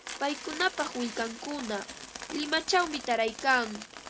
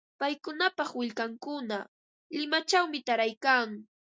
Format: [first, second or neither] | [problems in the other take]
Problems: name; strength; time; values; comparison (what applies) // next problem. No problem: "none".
second | background sound (Coin (dropping)); 11 dB below the speech